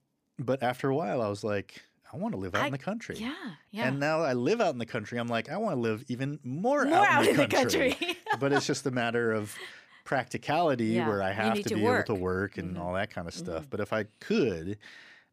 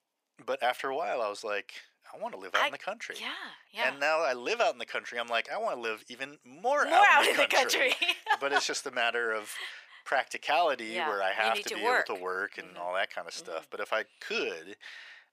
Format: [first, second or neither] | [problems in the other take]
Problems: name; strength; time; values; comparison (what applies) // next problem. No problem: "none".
first | thin; very; fading below 750 Hz